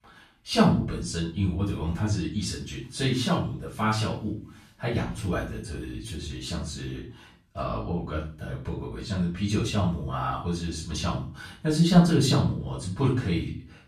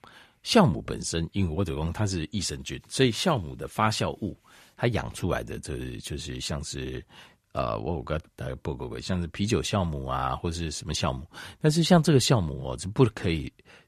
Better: second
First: off-mic speech; far // room echo; slight; dies away in 0.4 s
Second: none

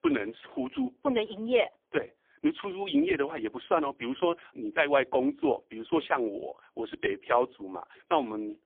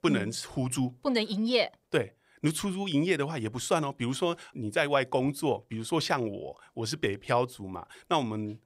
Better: second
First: phone-call audio; poor line; nothing above 3.5 kHz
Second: none

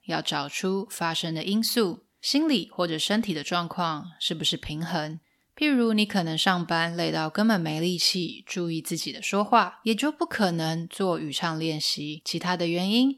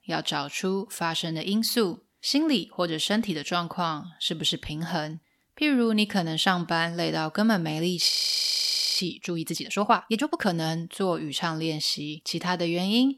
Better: first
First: none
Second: audio freezing; at 8 s for 1 s

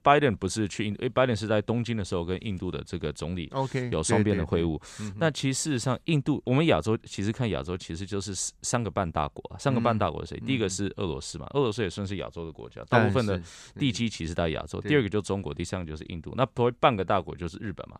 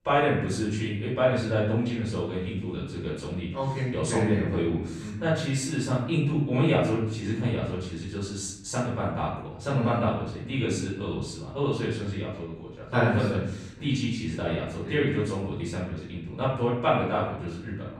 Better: first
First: none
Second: off-mic speech; far // room echo; noticeable; dies away in 0.8 s

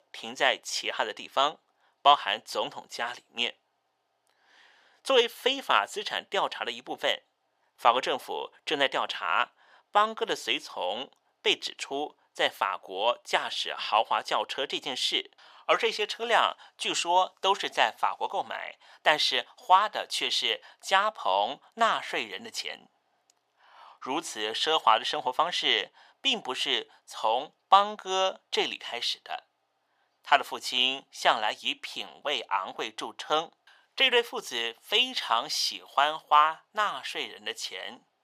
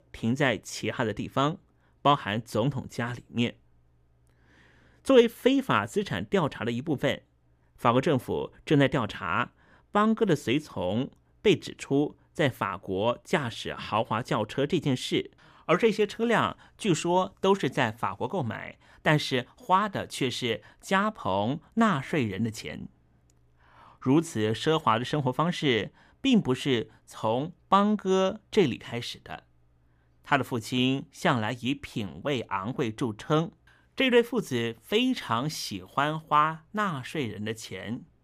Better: second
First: thin; very; fading below 700 Hz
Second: none

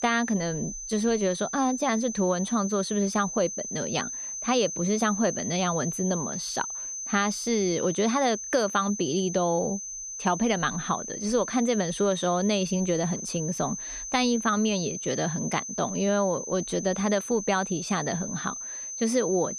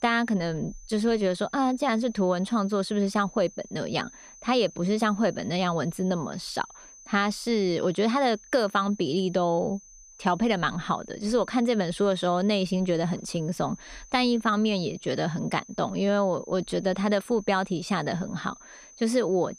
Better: second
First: high-pitched whine; loud; throughout; 6 kHz, 6 dB below the speech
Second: high-pitched whine; faint; throughout; 6 kHz, 20 dB below the speech

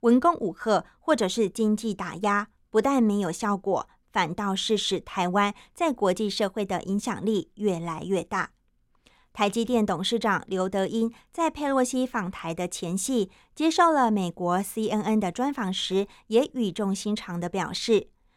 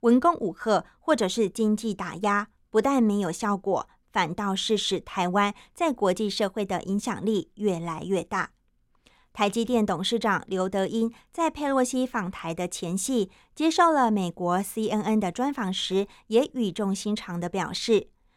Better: neither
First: none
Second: none

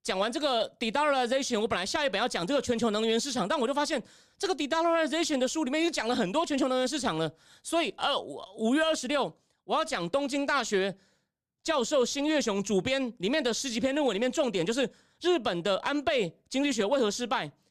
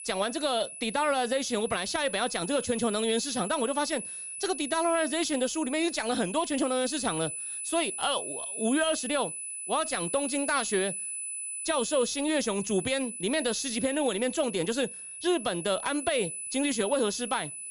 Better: first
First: none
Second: high-pitched whine; loud; throughout; 10 kHz, 6 dB below the speech

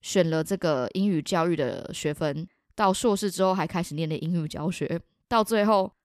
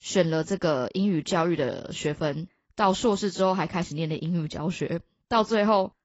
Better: first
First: none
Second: garbled, watery; badly; nothing above 7.5 kHz

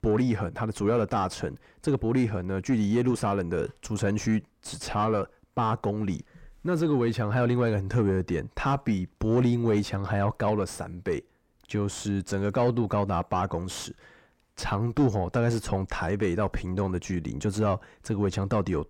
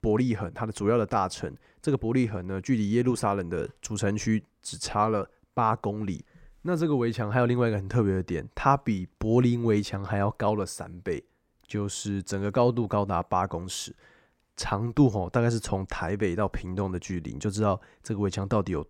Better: second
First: distortion; slight; 10 dB below the speech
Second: none

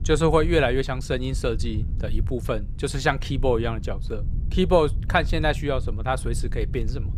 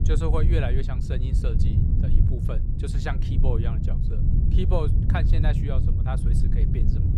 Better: first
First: low rumble; faint; throughout; 20 dB below the speech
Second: low rumble; loud; throughout; 3 dB below the speech

